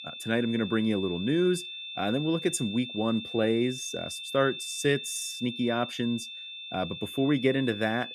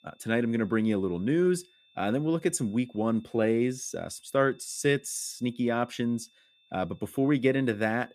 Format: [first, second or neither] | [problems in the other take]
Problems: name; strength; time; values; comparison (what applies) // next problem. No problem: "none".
second | high-pitched whine; loud; throughout; 3.5 kHz, 9 dB below the speech; faint in the second